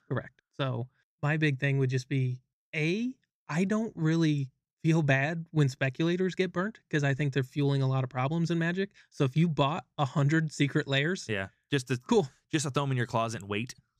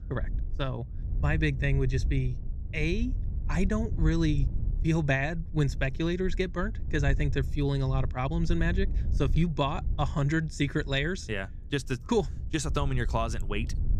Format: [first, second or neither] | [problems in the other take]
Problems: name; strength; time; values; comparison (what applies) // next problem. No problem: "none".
first | wind noise on the microphone; occasional gusts; 20 dB below the speech